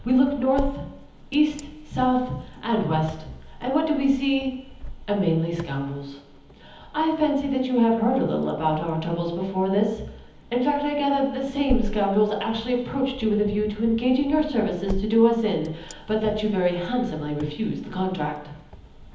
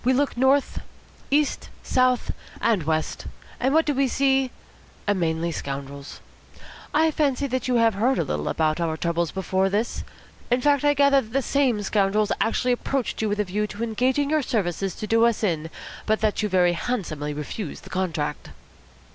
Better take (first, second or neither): second